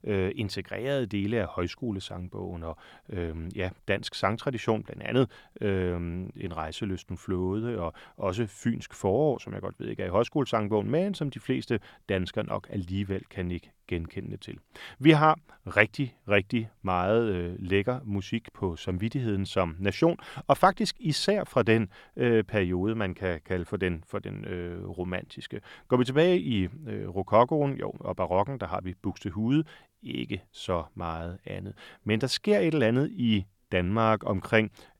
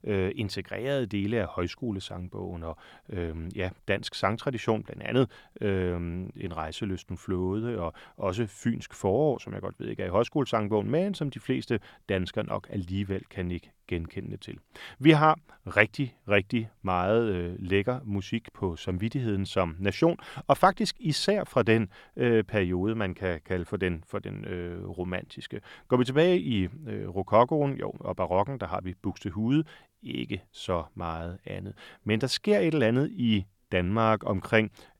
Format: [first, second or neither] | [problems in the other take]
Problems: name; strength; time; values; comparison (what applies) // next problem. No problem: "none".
neither | none